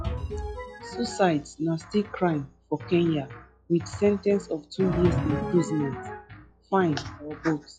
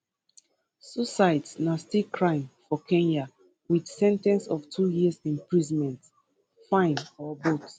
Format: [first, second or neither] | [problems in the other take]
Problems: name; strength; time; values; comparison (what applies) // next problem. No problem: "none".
second | noise reduction (classical method log-MMSE)